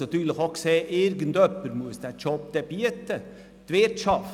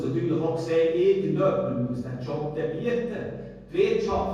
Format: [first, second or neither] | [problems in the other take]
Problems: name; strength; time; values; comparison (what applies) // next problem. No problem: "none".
first | room echo; dies away in 1.3 s